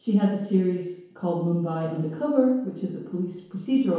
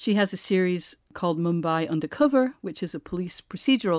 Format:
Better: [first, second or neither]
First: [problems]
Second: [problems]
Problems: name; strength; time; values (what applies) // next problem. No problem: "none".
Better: second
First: room echo; dies away in 1 s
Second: none